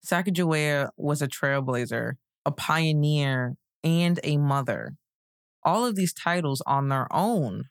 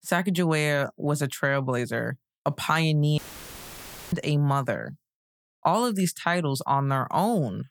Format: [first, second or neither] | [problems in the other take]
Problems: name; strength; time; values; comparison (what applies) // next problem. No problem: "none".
first | audio cutting out; filled with static; at 3 s for 1 s